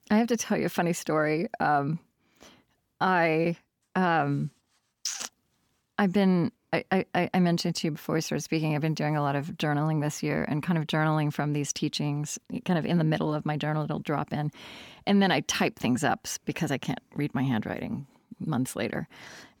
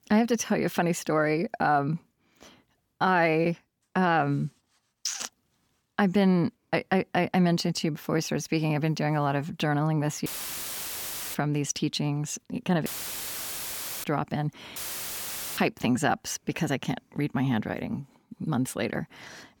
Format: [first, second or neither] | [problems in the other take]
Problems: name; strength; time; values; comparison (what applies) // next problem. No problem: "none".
first | audio cutting out; filled with static; at 10 s for 1 s, at 13 s for 1 s and at 15 s for 1 s